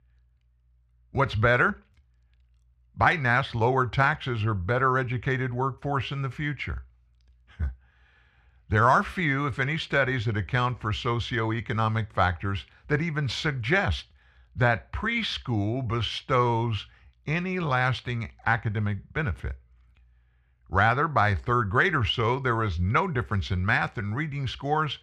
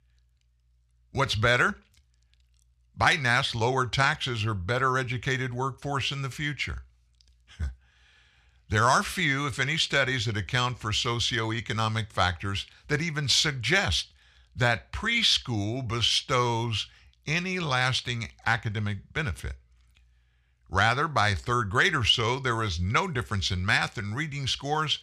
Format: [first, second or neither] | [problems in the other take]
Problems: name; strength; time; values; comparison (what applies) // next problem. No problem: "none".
second | muffled; slightly; fading above 3 kHz